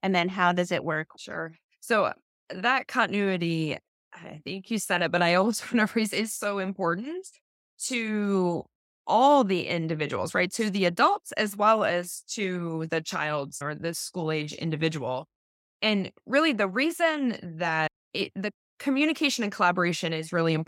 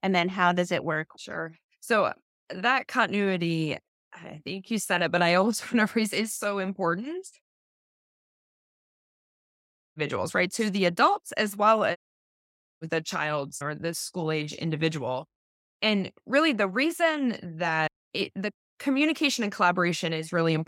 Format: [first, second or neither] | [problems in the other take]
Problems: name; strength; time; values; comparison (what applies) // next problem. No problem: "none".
first | audio cutting out; at 8 s for 2 s and at 12 s for 1 s